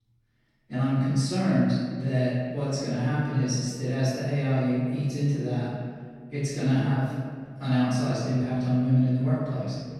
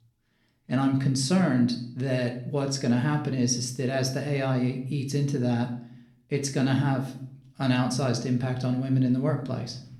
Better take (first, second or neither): second